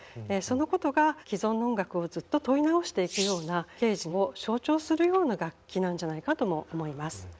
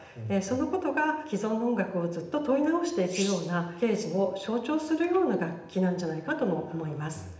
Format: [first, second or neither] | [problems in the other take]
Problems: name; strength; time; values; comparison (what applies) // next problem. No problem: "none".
first | room echo; dies away in 0.8 s